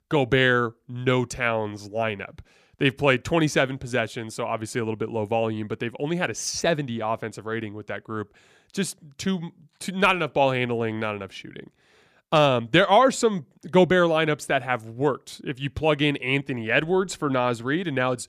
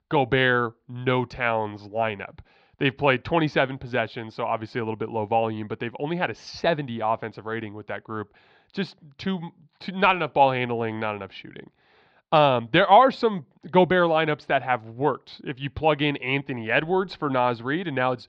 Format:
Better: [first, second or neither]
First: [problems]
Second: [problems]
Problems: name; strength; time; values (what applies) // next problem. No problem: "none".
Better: first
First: none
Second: muffled; slightly; fading above 4.5 kHz